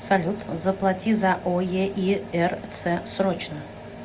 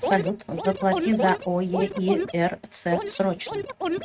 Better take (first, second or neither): first